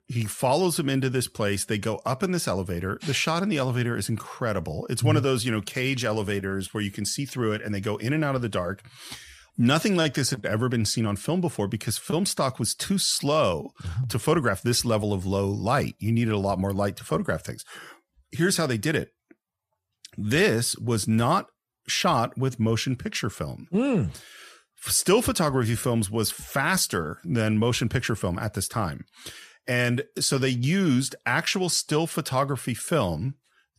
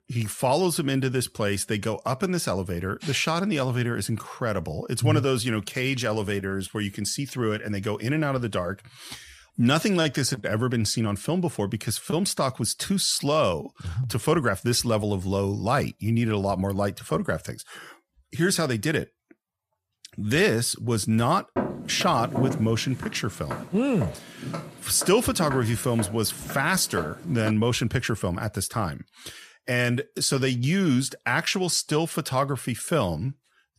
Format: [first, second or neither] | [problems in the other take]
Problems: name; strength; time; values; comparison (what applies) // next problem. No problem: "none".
first | footsteps; noticeable; from 22 to 28 s; peak 3 dB below the speech